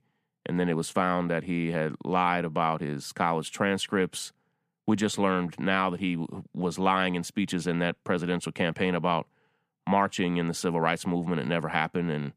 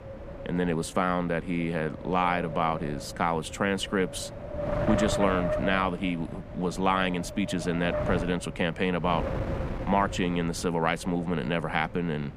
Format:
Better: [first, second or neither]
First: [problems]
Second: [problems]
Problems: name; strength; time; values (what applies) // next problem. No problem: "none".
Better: first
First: none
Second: wind noise on the microphone; heavy; 7 dB below the speech